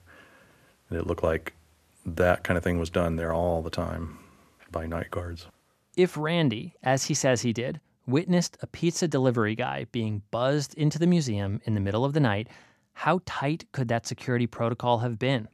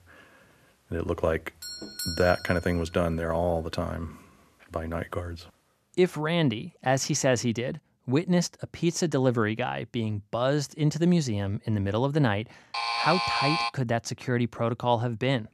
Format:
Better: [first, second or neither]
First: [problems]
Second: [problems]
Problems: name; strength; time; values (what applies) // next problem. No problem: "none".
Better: first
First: none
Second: doorbell; noticeable; from 1.5 to 2.5 s; peak 6 dB below the speech // alarm; loud; at 13 s; peak 2 dB above the speech